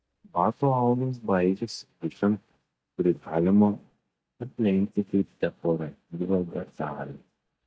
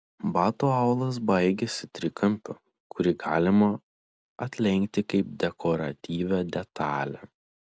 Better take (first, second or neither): second